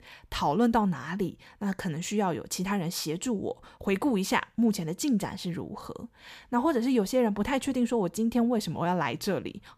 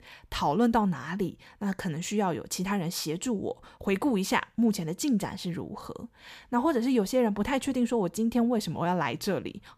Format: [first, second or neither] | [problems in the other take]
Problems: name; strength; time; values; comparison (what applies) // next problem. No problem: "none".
neither | none